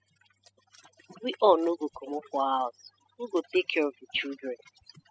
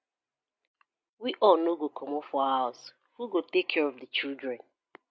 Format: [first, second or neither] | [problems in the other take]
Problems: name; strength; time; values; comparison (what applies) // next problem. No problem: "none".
second | noise reduction (classical method spectral subtraction)